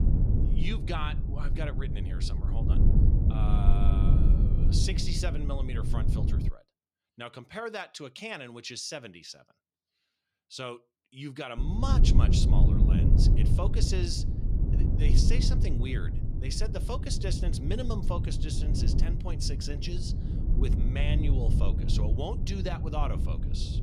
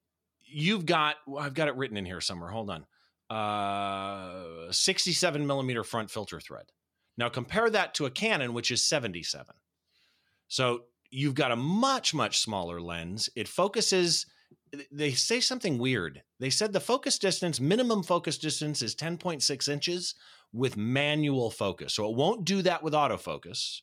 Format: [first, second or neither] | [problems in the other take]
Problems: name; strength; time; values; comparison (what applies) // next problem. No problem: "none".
second | low rumble; loud; until 6.5 s and from 12 s on; 3 dB below the speech